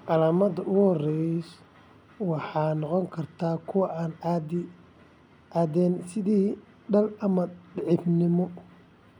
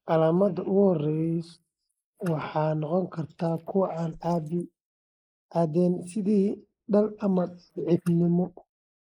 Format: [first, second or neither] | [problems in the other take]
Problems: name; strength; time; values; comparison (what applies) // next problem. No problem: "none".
first | noise reduction (neural mask model Resemble Enhance denoiser)